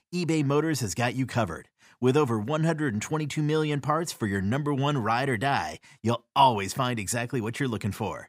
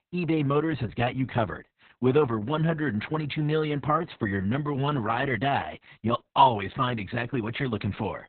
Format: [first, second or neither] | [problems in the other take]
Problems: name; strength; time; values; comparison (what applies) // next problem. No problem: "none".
first | garbled, watery; badly; nothing above 4 kHz